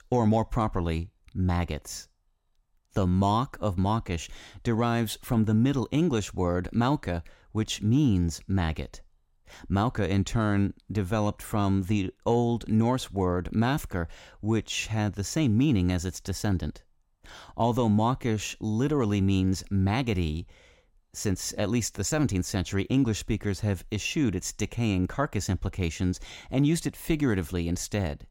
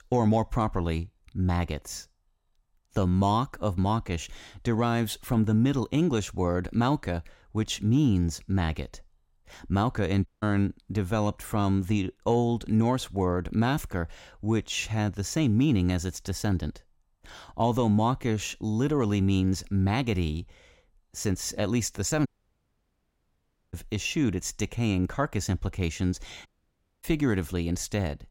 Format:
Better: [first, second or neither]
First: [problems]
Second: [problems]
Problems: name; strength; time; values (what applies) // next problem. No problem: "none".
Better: first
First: none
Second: audio cutting out; at 10 s, at 22 s for 1.5 s and at 26 s for 0.5 s